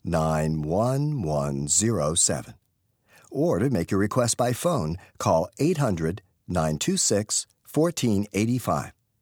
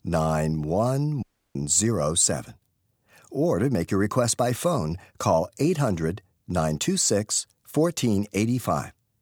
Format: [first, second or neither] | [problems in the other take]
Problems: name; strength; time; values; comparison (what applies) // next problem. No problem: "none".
first | audio cutting out; at 1 s